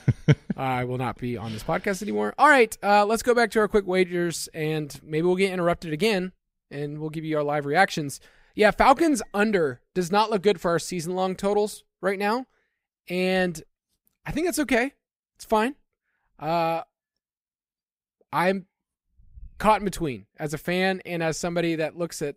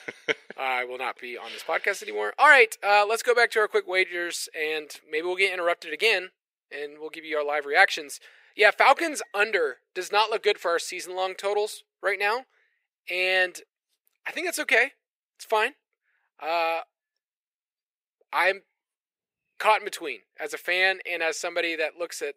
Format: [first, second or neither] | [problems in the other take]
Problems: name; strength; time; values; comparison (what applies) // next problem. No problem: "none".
first | thin; very; fading below 450 Hz